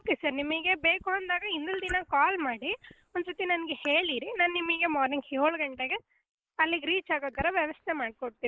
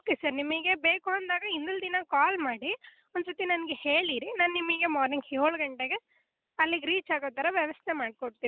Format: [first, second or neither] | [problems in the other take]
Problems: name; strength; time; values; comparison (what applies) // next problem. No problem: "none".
second | noise reduction (neural mask model Resemble Enhance denoiser)